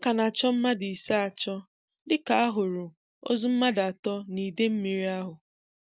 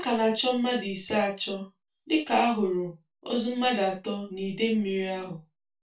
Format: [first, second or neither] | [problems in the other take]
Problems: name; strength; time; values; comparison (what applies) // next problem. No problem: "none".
first | room echo; dies away in 0.2 s